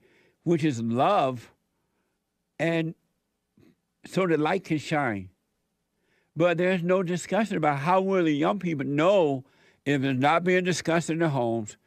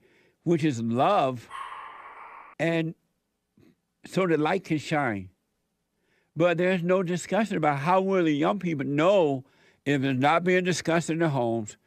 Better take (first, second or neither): first